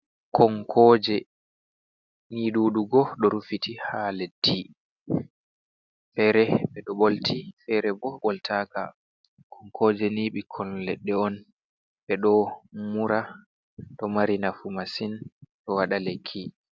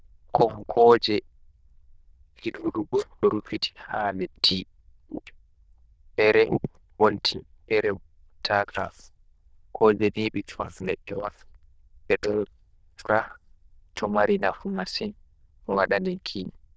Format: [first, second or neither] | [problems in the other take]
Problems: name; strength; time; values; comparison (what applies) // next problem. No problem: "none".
first | noise reduction (neural diffusion model UNIVERSE++)